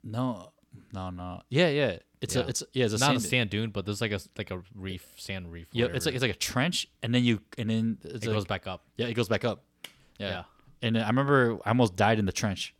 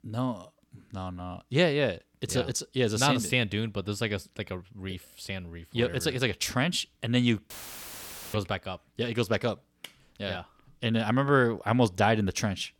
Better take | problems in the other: first | audio cutting out; filled with static; at 7.5 s for 1 s

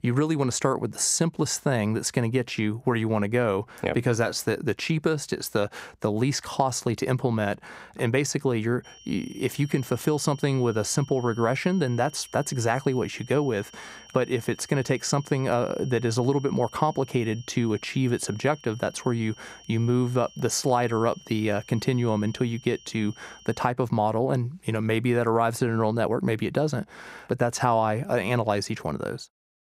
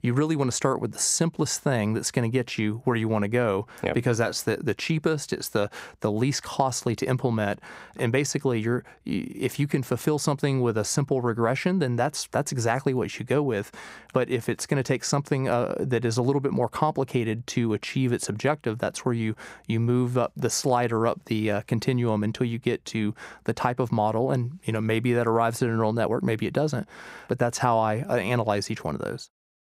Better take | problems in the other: second | high-pitched whine; faint; from 9 to 24 s; 3 kHz, 20 dB below the speech

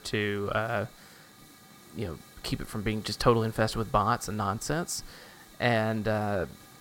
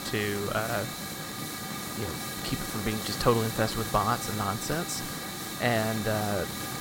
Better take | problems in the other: first | hiss; loud; throughout; 4 dB below the speech; faint in the first

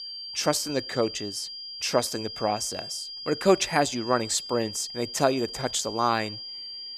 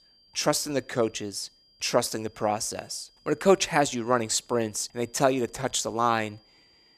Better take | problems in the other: second | high-pitched whine; loud; throughout; 5 kHz, 9 dB below the speech; faint in the second

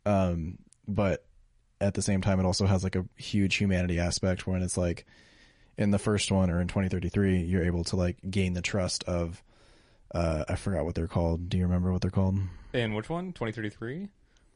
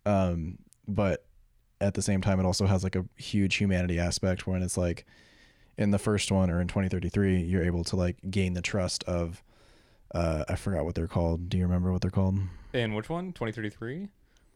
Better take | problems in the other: second | garbled, watery; slightly; nothing above 10.5 kHz

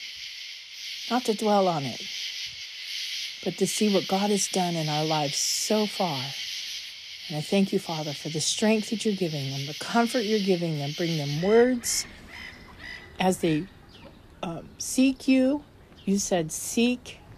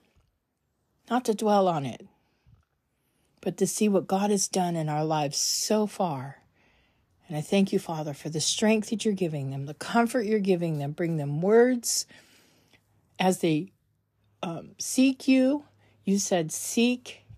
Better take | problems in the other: second | animal sounds; loud; throughout; 8 dB below the speech

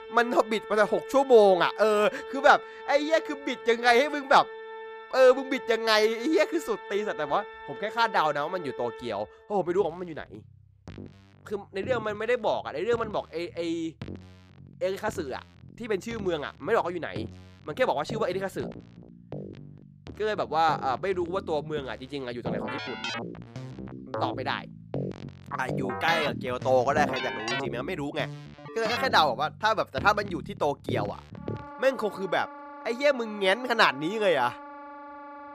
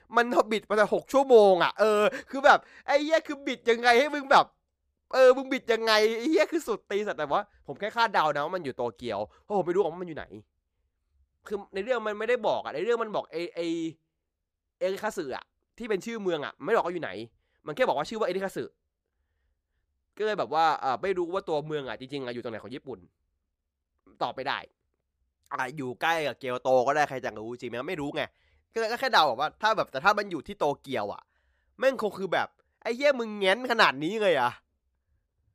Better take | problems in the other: second | background music; noticeable; throughout; 10 dB below the speech

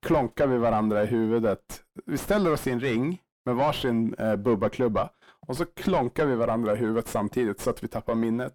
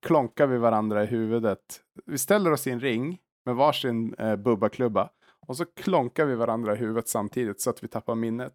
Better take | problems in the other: second | distortion; heavy; 5 dB below the speech

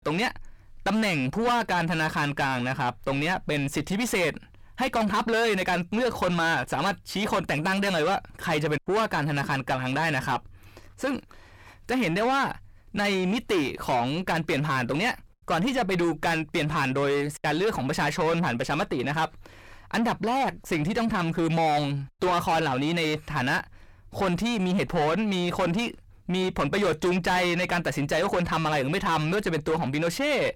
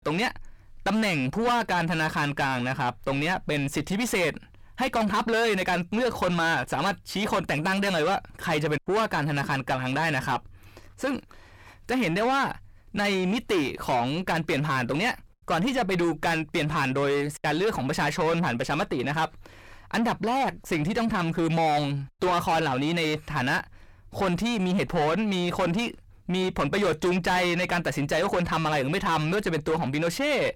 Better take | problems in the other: neither | distortion; heavy; 6 dB below the speech; the same in both

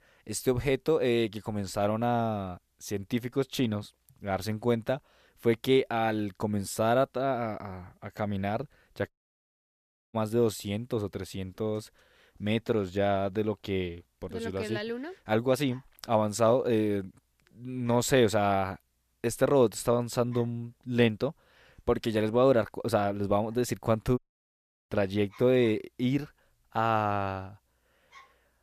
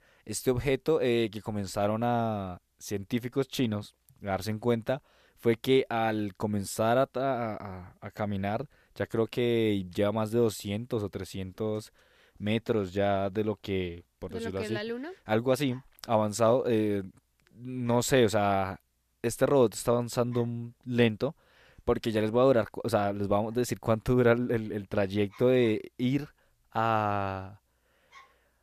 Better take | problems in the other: second | audio cutting out; at 9 s for 1 s and at 24 s for 0.5 s

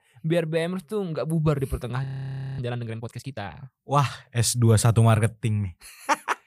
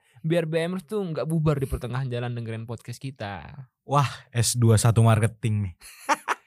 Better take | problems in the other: second | audio freezing; at 2 s for 0.5 s

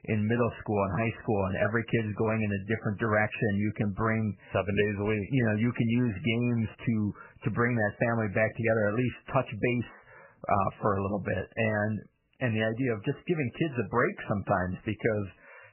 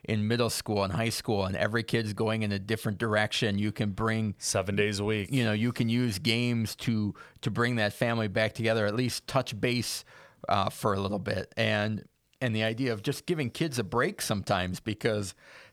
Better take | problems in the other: second | garbled, watery; badly; nothing above 3 kHz

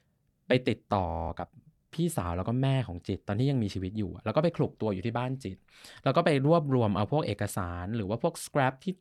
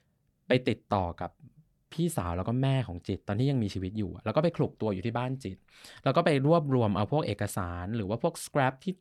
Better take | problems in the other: second | audio freezing; at 1 s

